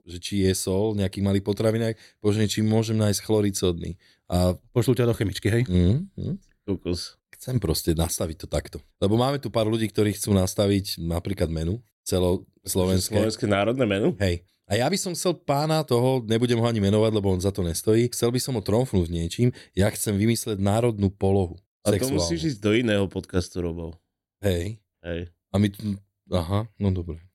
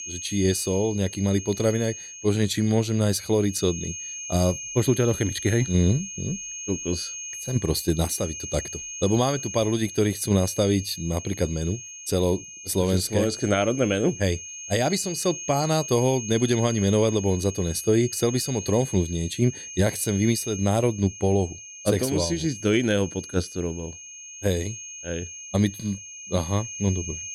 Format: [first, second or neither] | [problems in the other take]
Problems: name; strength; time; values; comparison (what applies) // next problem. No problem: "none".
first | high-pitched whine; loud; throughout; 6.5 kHz, 10 dB below the speech